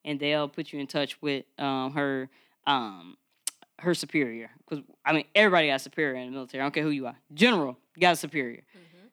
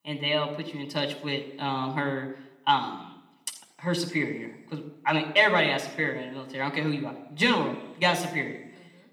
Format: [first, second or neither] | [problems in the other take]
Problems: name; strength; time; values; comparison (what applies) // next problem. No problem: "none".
first | room echo; slight; dies away in 0.7 s